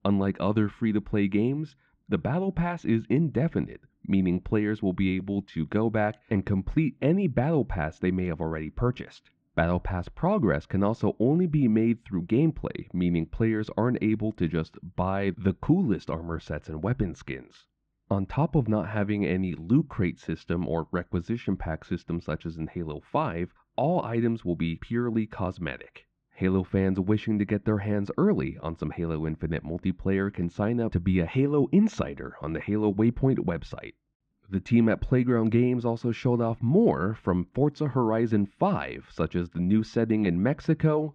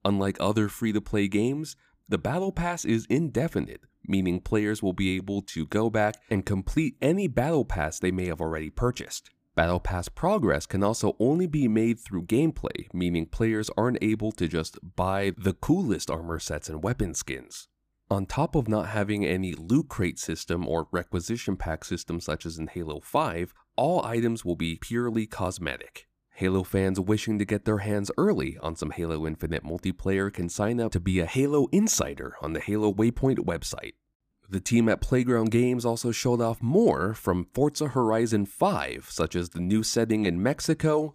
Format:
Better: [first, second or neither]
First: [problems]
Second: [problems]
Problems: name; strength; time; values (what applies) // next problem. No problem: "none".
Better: second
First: muffled; very; fading above 3 kHz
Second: none